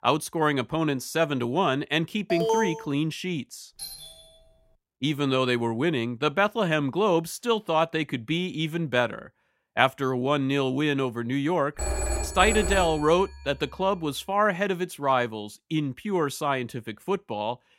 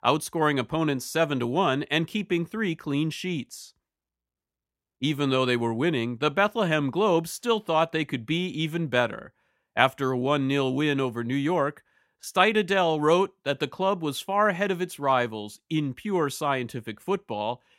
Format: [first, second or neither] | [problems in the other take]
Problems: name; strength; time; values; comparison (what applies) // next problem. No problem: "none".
second | alarm; loud; at 2.5 s; peak 1 dB above the speech // doorbell; faint; at 4 s; peak 10 dB below the speech // phone ringing; noticeable; from 12 to 13 s; peak 1 dB below the speech